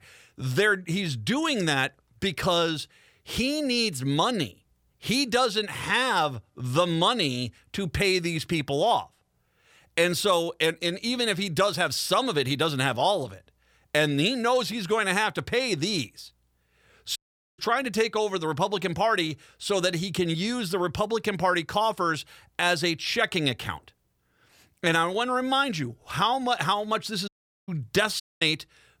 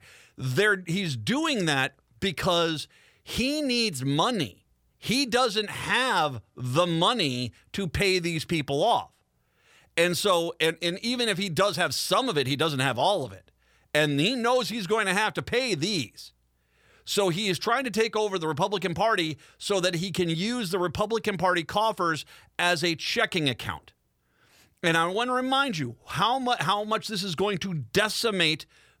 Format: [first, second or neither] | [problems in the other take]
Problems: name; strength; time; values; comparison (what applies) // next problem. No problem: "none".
second | audio cutting out; at 17 s, at 27 s and at 28 s